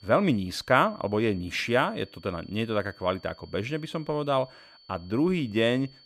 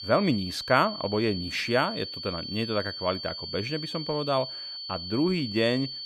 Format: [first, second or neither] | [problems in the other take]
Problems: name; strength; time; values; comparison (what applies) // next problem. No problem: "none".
first | high-pitched whine; loud; throughout; 4.5 kHz, 7 dB below the speech; faint in the first